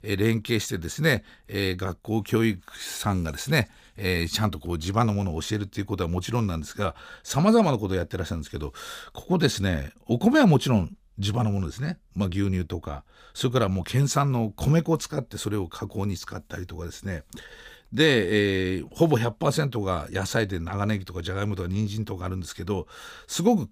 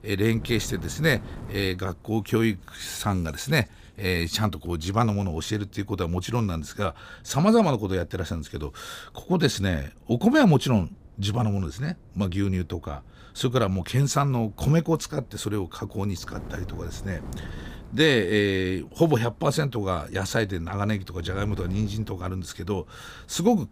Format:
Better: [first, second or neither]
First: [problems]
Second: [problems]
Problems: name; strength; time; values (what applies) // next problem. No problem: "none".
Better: first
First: none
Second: wind noise on the microphone; occasional gusts; 25 dB below the speech